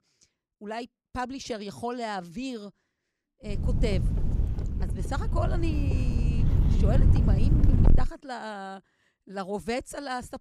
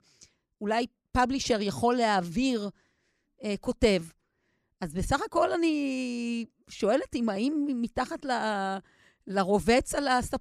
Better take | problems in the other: second | wind noise on the microphone; heavy; from 3.5 to 8 s; 3 dB below the speech

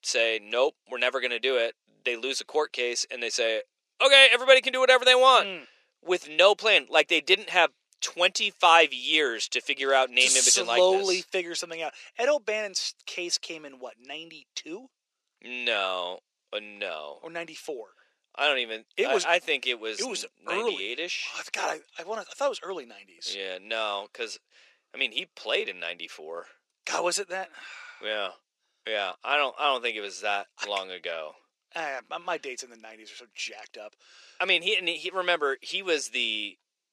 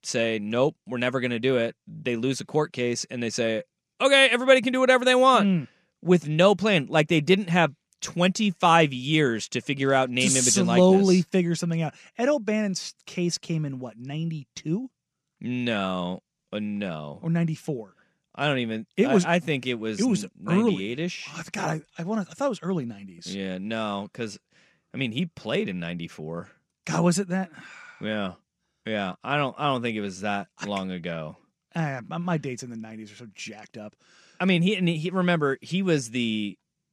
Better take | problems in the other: second | thin; very; fading below 400 Hz

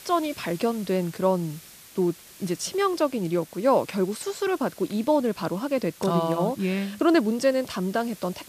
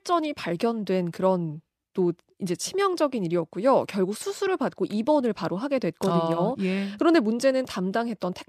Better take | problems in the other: second | hiss; noticeable; throughout; 20 dB below the speech

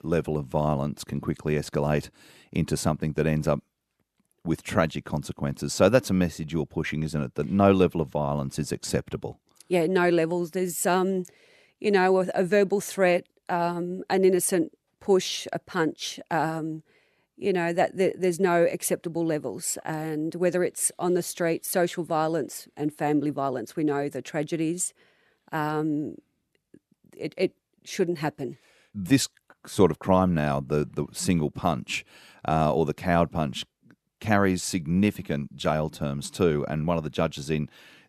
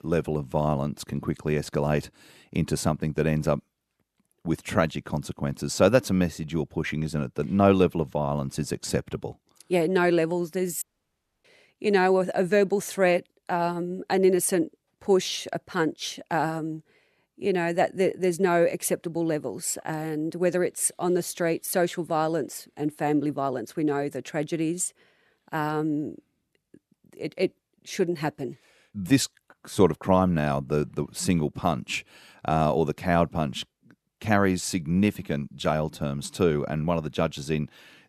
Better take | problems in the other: first | audio cutting out; at 11 s for 0.5 s

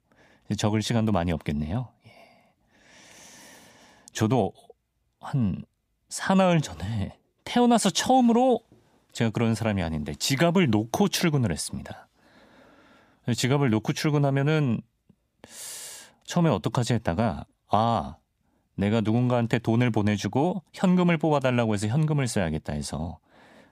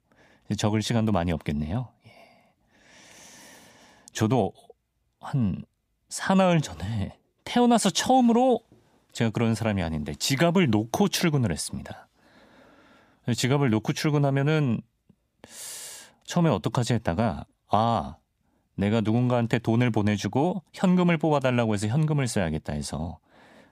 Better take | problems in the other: neither | none

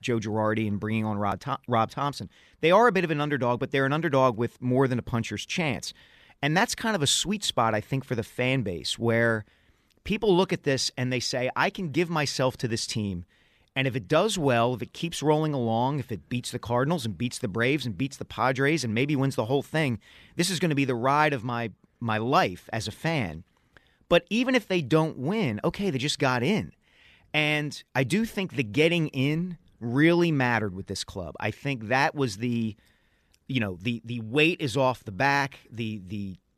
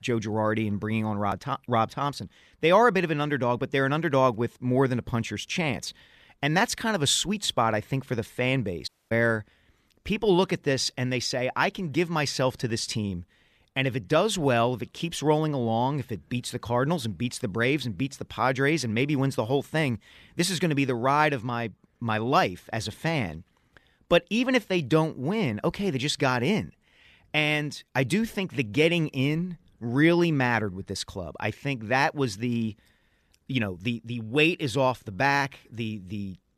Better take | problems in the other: first | audio cutting out; at 9 s

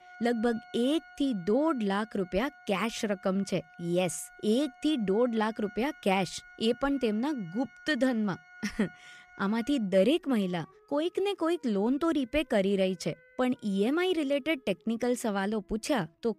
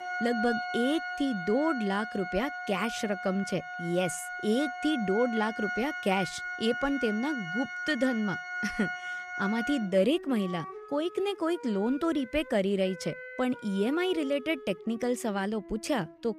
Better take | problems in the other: first | background music; loud; throughout; 7 dB below the speech; faint in the first

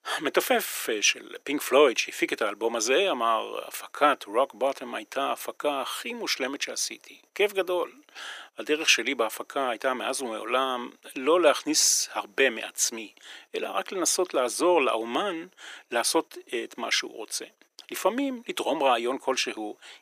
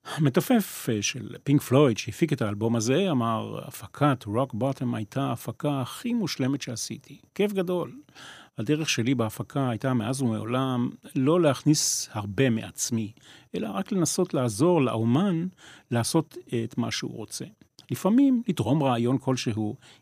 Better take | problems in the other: second | thin; very; fading below 400 Hz

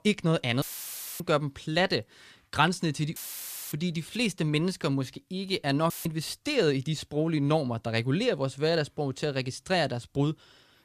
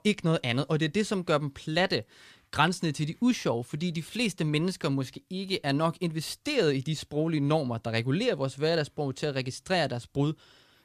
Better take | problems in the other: second | audio cutting out; filled with static; at 0.5 s for 0.5 s, at 3 s for 0.5 s and at 6 s

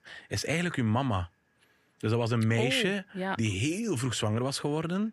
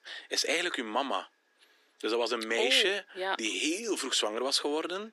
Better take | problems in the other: first | thin; very; fading below 300 Hz

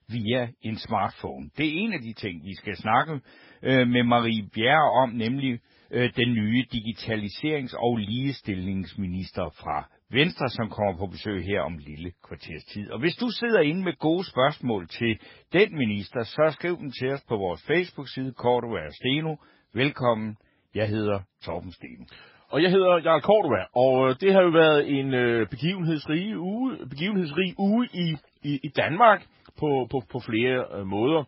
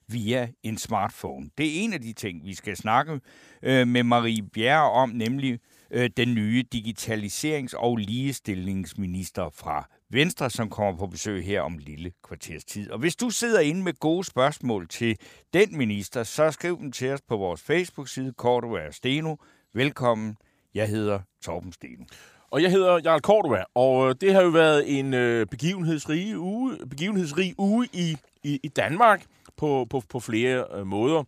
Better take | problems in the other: second | garbled, watery; badly; nothing above 5.5 kHz

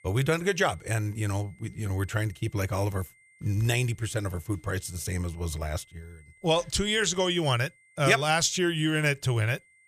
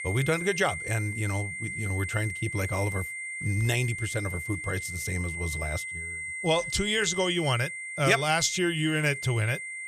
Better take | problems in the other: first | high-pitched whine; loud; throughout; 2 kHz, 6 dB below the speech; faint in the first

